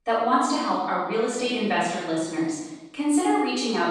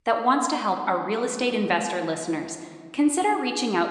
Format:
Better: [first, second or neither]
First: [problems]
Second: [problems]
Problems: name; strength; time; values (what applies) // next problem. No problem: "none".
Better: second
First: room echo; strong; dies away in 1 s // off-mic speech; far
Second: room echo; slight; dies away in 1.3 s